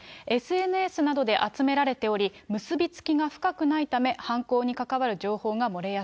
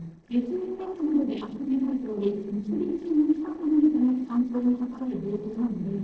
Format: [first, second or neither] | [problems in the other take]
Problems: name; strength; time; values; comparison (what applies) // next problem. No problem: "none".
first | noise reduction (neural separator model SepFormer DNS4)